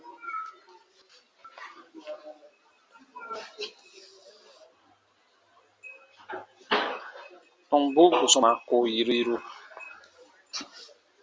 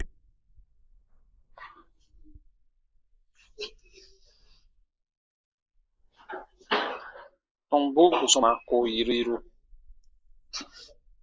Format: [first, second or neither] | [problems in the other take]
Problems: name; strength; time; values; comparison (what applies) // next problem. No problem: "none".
first | noise reduction (neural mask model Resemble Enhance denoiser)